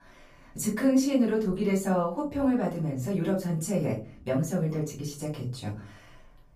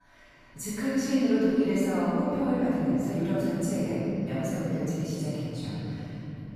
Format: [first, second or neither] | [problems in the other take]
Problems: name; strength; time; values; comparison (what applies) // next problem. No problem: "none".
first | room echo; strong; dies away in 3 s; slight in the first // off-mic speech; far; far in the first